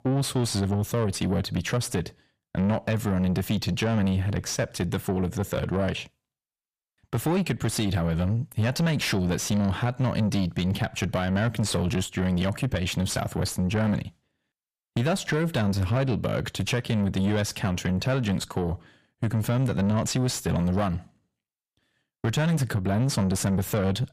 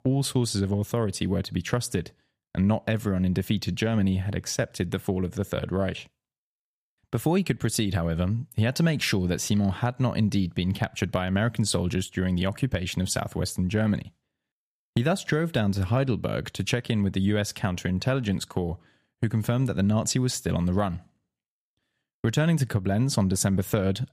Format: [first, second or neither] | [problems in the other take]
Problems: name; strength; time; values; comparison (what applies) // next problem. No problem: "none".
second | distortion; slight; 10 dB below the speech